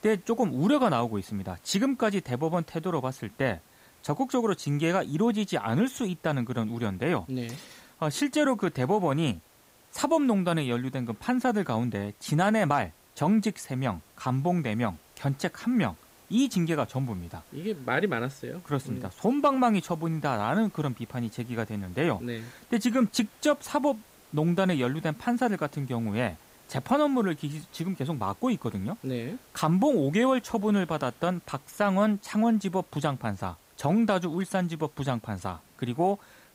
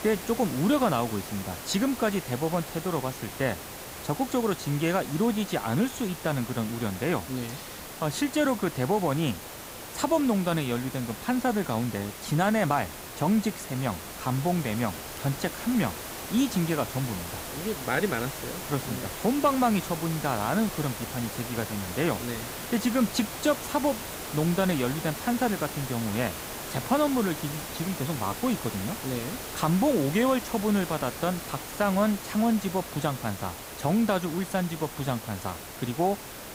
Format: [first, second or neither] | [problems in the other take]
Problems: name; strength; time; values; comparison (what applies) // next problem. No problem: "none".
first | hiss; loud; throughout; 8 dB below the speech; faint in the first